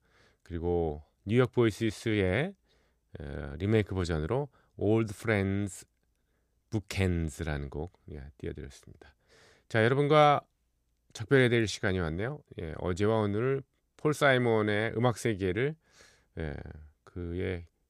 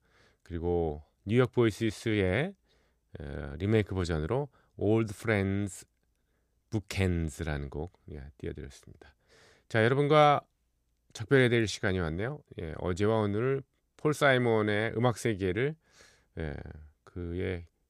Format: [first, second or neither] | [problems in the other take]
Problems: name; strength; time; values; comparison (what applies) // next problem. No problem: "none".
neither | none